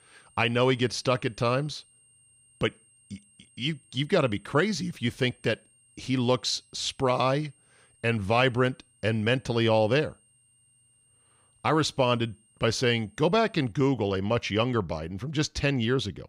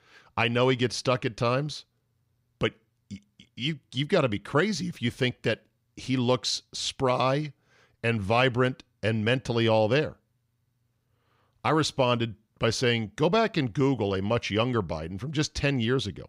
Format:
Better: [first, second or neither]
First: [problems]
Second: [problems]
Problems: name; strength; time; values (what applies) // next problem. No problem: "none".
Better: second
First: high-pitched whine; faint; until 14 s; 8.5 kHz, 35 dB below the speech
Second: none